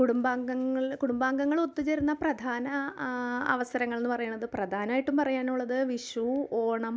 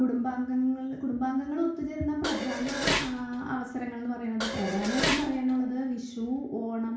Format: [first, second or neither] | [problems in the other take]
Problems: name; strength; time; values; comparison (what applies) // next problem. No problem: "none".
first | background sound (Dishes, pots, and pans); 2 dB below the speech // room echo; dies away in 0.6 s